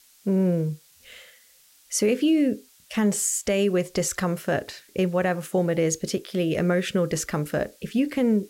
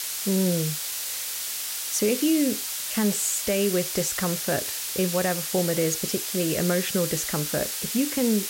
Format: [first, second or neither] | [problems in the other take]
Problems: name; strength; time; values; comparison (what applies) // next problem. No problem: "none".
first | hiss; loud; throughout; 2 dB below the speech; faint in the first